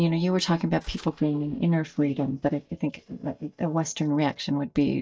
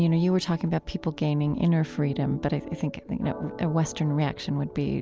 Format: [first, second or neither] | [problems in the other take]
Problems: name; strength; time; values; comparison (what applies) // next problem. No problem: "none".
second | noise reduction (neural mask model DeepFilterNet 3)